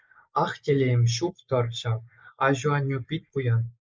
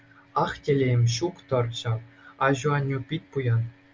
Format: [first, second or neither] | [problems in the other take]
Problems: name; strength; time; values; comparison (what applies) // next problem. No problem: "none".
second | noise reduction (neural mask model Resemble Enhance denoiser)